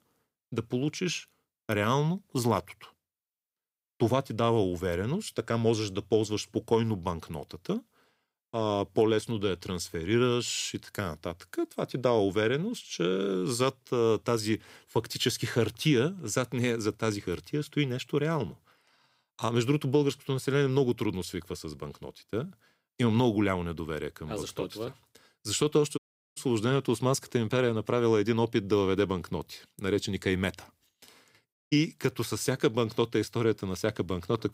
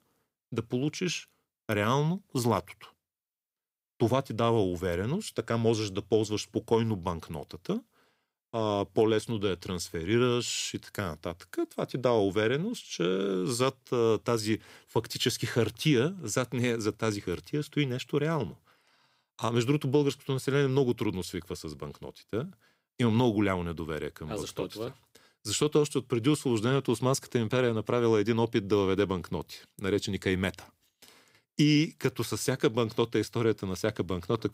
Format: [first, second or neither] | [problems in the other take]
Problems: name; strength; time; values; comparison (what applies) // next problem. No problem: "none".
second | audio cutting out; at 26 s and at 32 s